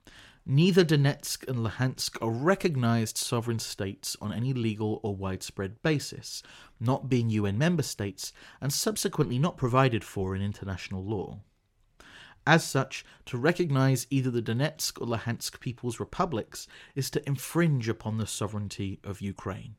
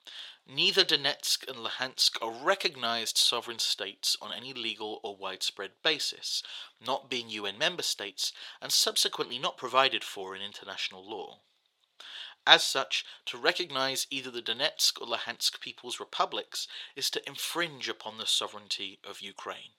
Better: first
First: none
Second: thin; very; fading below 650 Hz

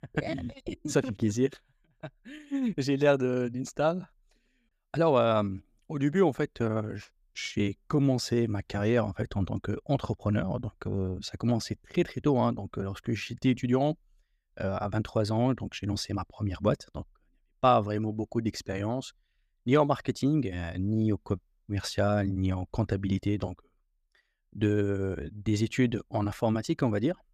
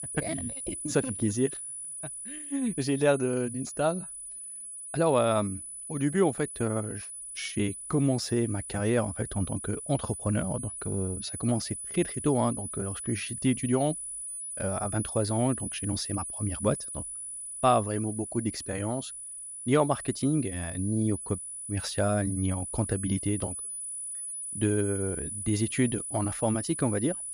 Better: first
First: none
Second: high-pitched whine; loud; throughout; 10 kHz, 6 dB below the speech

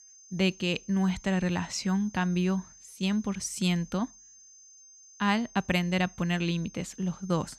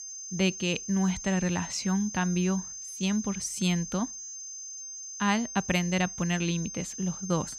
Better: first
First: high-pitched whine; faint; throughout; 6.5 kHz, 20 dB below the speech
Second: high-pitched whine; loud; throughout; 6.5 kHz, 8 dB below the speech

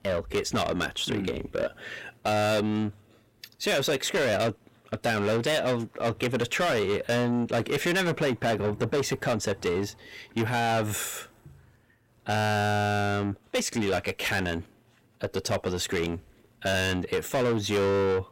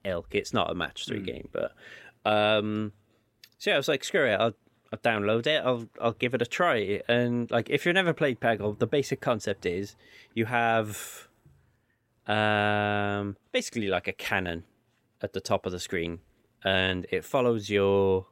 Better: second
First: distortion; heavy; 6 dB below the speech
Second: none

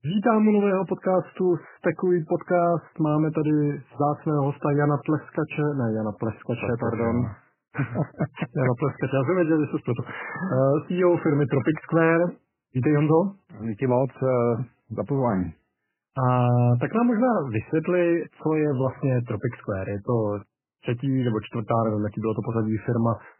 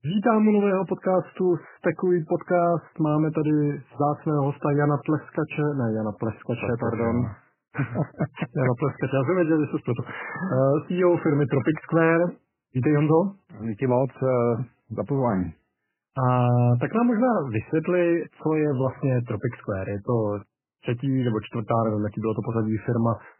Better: neither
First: garbled, watery; badly; nothing above 3 kHz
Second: garbled, watery; badly; nothing above 3 kHz

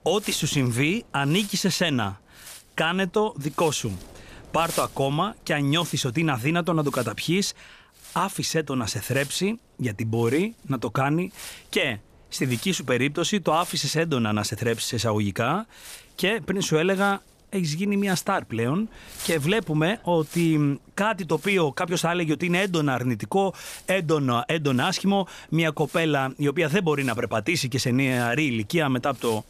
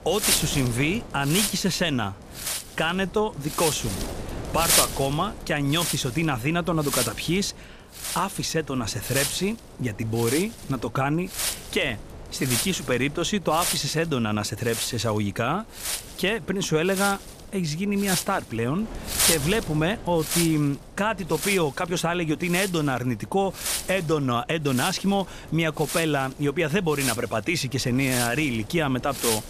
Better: first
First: wind noise on the microphone; occasional gusts; 20 dB below the speech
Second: wind noise on the microphone; heavy; 3 dB below the speech

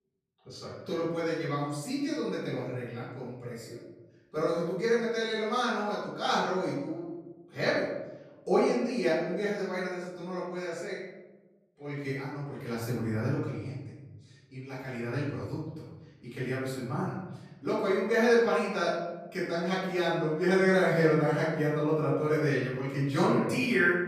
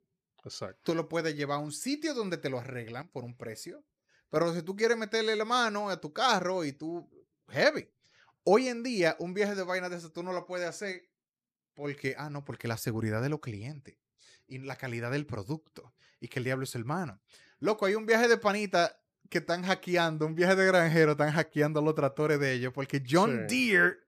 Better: second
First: off-mic speech; far // room echo; noticeable; dies away in 1.1 s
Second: none

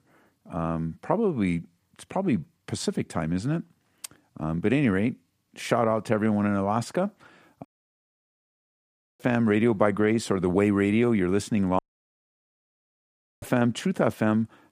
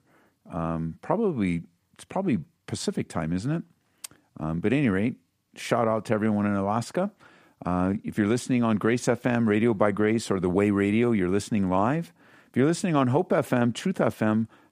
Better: second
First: audio cutting out; at 7.5 s for 1.5 s and at 12 s for 1.5 s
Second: none

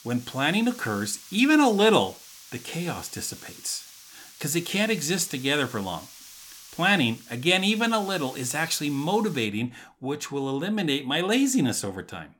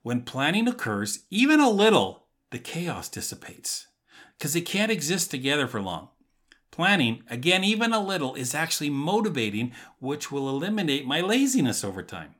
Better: second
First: hiss; noticeable; until 9.5 s; 20 dB below the speech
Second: none

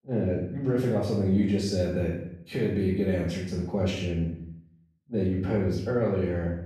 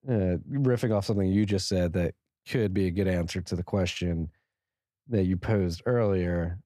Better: second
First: off-mic speech; far // room echo; noticeable; dies away in 0.6 s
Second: none

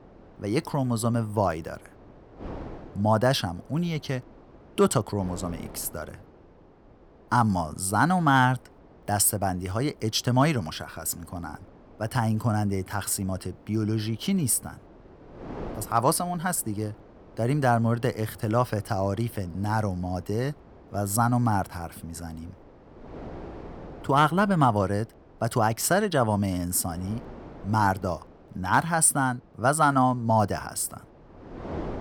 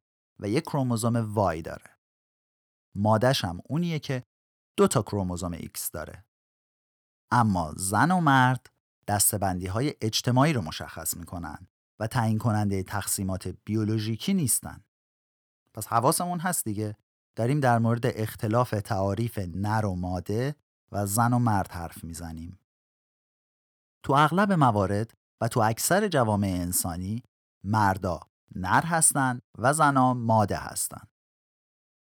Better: second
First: wind noise on the microphone; occasional gusts; 25 dB below the speech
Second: none

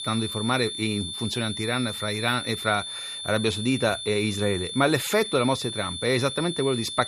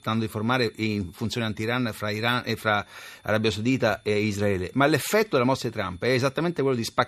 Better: second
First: high-pitched whine; loud; throughout; 3.5 kHz, 6 dB below the speech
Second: high-pitched whine; faint; throughout; 3.5 kHz, 35 dB below the speech

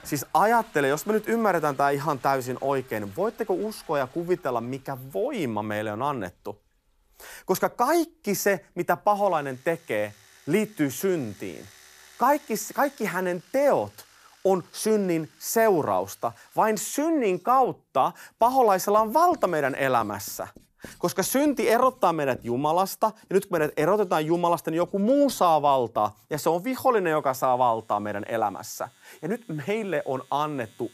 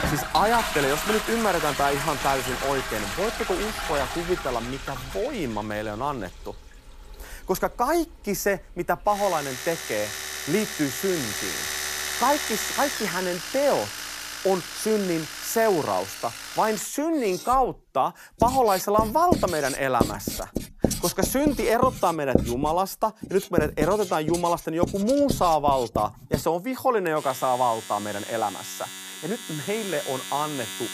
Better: first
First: household noises; faint; throughout; 25 dB below the speech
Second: household noises; loud; throughout; 5 dB below the speech

